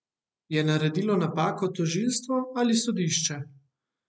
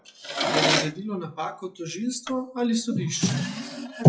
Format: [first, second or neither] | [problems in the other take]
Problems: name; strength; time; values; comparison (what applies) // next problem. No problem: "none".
first | noise reduction (classical method WPE with log-MMSE)